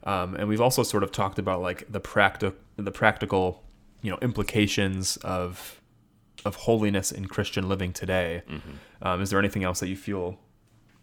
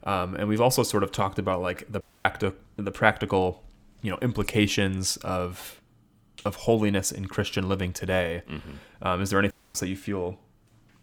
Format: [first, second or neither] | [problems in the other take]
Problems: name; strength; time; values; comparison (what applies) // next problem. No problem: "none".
first | audio cutting out; at 2 s and at 9.5 s